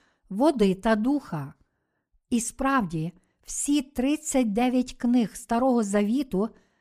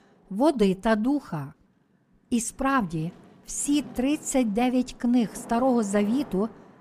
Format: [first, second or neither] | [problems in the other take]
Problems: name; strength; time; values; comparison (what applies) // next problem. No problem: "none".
first | wind noise on the microphone; occasional gusts; 20 dB below the speech